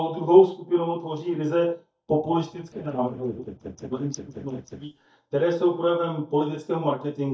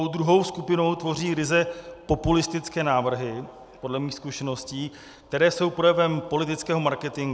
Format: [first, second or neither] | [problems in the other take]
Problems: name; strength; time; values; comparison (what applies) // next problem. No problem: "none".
second | noise reduction (neural mask model DeepFilterNet 3)